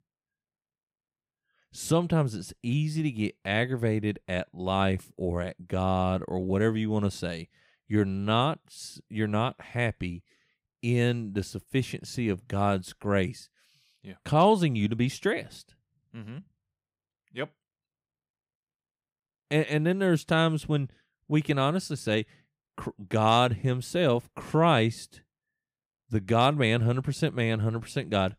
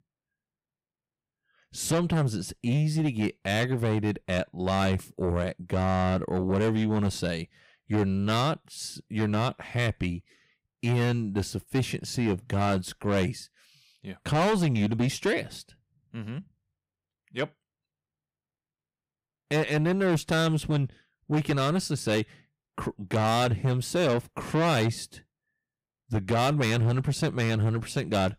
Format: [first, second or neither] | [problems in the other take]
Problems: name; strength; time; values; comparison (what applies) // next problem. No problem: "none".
first | distortion; heavy; 7 dB below the speech